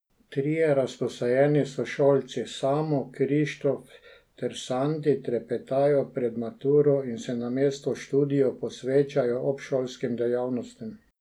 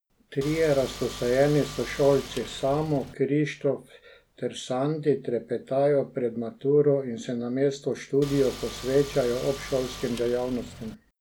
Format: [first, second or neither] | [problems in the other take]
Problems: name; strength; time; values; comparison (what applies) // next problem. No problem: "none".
first | background sound (Car); 14 dB below the speech